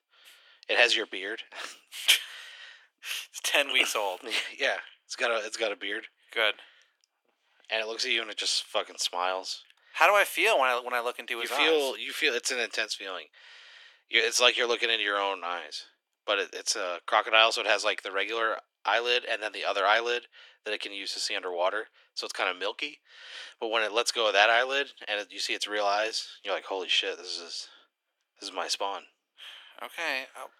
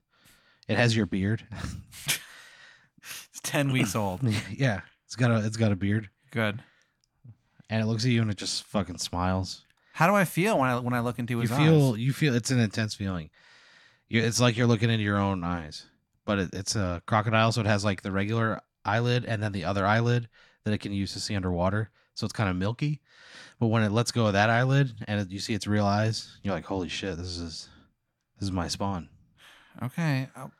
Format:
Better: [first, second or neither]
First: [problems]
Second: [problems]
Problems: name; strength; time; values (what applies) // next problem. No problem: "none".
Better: second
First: thin; very; fading below 400 Hz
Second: none